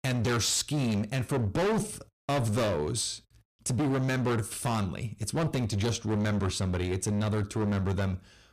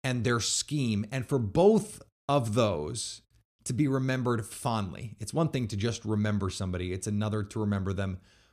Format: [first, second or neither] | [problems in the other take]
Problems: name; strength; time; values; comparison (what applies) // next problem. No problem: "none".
second | distortion; heavy; 23% of the sound clipped